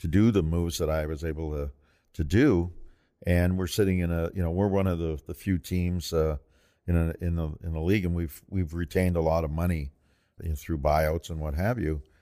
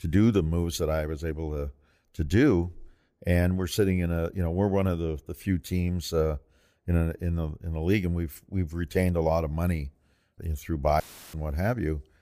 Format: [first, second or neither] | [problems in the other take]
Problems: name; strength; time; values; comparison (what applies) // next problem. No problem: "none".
first | audio cutting out; filled with static; at 11 s